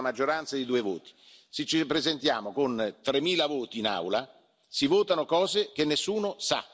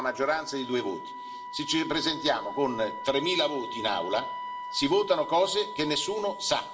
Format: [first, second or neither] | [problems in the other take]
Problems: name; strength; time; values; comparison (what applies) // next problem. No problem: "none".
first | background sound (Wind instrument, woodwind instrument); 10 dB below the speech // room echo; dies away in 1.4 s